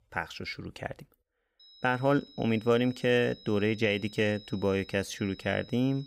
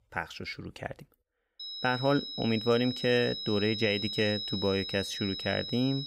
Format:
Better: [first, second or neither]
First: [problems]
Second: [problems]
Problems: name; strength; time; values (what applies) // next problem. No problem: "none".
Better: first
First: high-pitched whine; faint; from 1.5 s on; 4 kHz, 20 dB below the speech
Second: high-pitched whine; loud; from 1.5 s on; 4 kHz, 5 dB below the speech